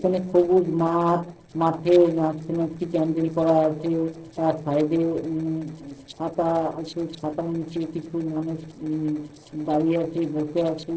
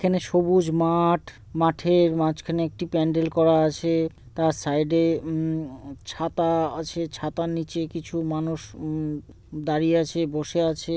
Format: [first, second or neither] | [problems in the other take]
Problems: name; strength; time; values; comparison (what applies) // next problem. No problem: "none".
second | noise reduction (neural separator model SepFormer DNS4)